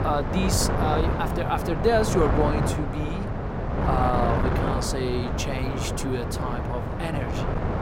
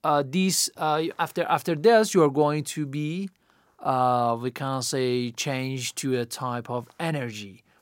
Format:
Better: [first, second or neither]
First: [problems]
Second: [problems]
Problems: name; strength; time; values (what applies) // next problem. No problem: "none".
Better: second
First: wind noise on the microphone; heavy; 2 dB below the speech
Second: none